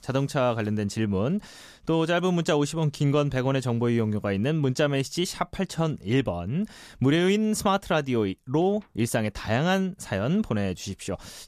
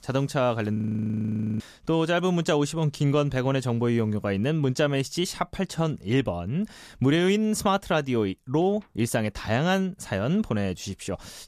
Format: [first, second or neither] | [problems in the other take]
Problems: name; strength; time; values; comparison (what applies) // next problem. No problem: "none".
first | audio freezing; at 1 s for 1 s